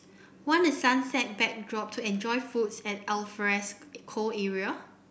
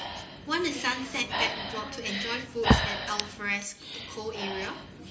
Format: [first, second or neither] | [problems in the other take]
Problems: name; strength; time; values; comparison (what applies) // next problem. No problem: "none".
first | background sound (Breathing); 1 dB above the speech // room echo; dies away in 0.2 s